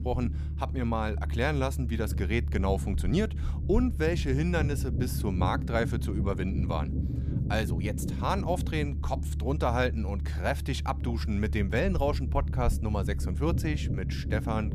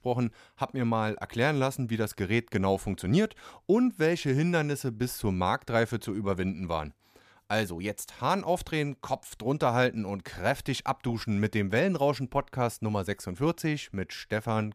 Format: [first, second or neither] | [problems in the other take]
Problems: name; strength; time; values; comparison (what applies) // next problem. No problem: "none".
second | low rumble; noticeable; throughout; 10 dB below the speech